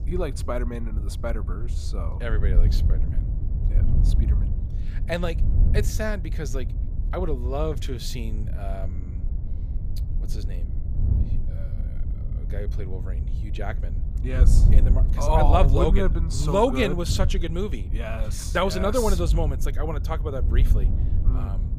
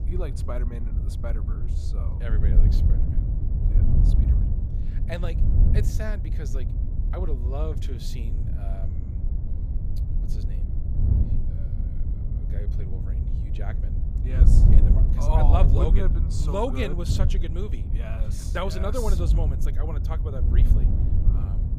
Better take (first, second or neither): first